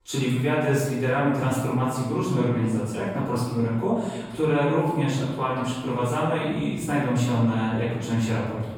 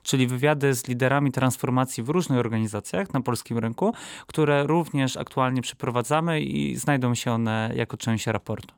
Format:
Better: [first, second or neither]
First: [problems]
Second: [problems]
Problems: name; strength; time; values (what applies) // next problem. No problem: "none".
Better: second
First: off-mic speech; far // room echo; strong; dies away in 1.2 s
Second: none